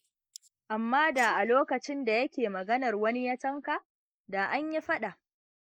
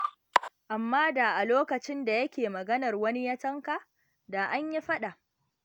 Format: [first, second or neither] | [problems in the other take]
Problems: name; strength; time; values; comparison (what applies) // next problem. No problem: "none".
second | noise reduction (neural mask model Resemble Enhance denoiser)